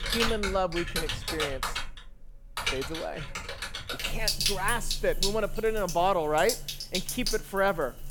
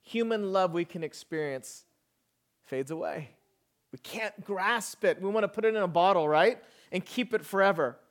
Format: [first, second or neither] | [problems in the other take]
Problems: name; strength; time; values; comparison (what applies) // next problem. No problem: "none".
second | household noises; loud; throughout; 2 dB below the speech